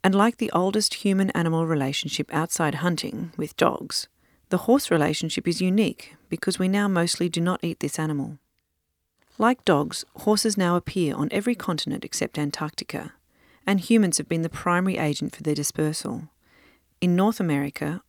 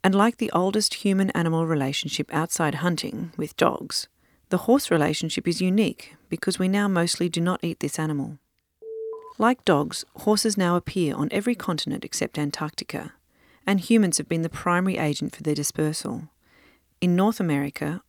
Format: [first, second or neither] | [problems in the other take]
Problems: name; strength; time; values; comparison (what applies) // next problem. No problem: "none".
first | alarm; faint; at 9 s; peak 10 dB below the speech